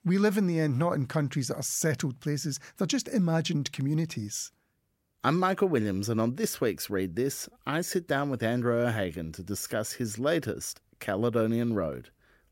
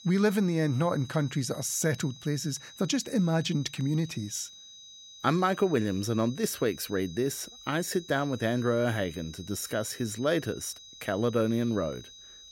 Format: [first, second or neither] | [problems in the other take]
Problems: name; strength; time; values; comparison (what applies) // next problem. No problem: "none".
first | high-pitched whine; noticeable; throughout; 4 kHz, 15 dB below the speech